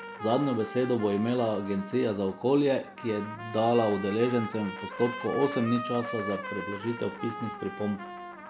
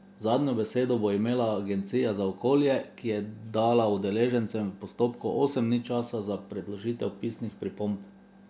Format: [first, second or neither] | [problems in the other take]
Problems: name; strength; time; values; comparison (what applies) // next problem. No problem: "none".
second | background sound (Trumpet); 11 dB below the speech